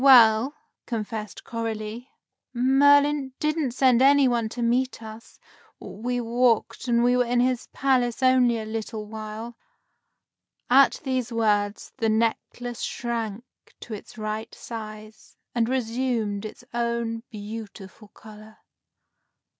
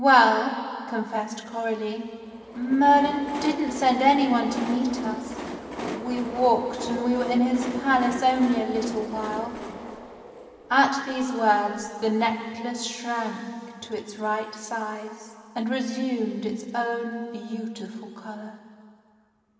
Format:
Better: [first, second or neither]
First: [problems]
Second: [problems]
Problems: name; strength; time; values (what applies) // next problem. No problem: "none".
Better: first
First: none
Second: background sound (Train); 14 dB below the speech // room echo; dies away in 2.5 s